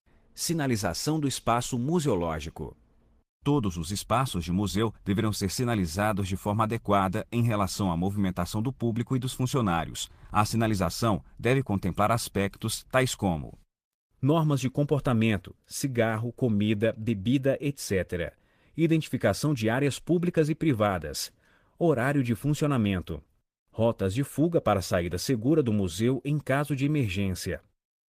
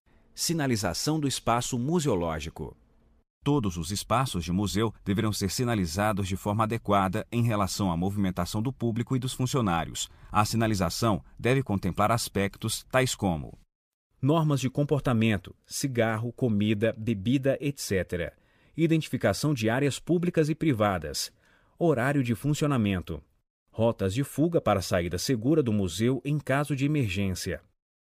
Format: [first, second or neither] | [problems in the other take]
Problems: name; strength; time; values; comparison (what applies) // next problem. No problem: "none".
second | garbled, watery; slightly; nothing above 15 kHz